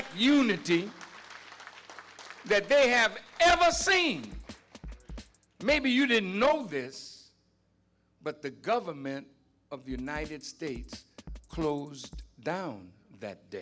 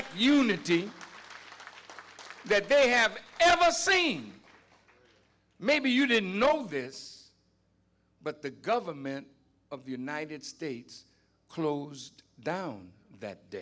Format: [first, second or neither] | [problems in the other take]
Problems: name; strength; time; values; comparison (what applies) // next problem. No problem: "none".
second | background sound (Drum kit); 20 dB below the speech